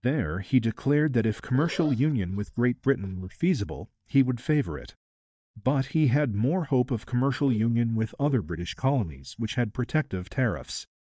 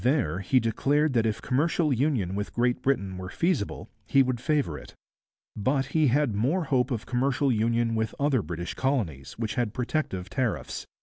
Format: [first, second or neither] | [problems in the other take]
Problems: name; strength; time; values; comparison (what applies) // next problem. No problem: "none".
second | noise reduction (neural mask model DeepFilterNet 3)